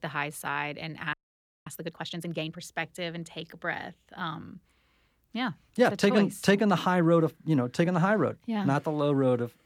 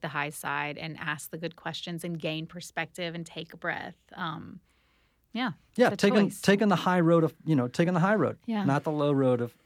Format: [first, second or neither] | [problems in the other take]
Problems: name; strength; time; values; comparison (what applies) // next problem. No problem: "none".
second | audio freezing; at 1 s for 0.5 s